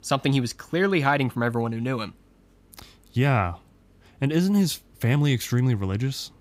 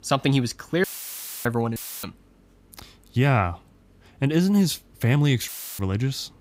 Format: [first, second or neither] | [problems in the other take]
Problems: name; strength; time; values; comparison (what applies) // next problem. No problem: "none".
first | audio cutting out; filled with static; at 1 s for 0.5 s, at 2 s and at 5.5 s